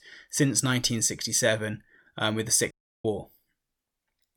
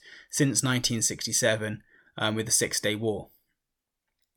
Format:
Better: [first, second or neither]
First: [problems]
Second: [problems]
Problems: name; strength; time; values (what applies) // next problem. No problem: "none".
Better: second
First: audio cutting out; at 2.5 s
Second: none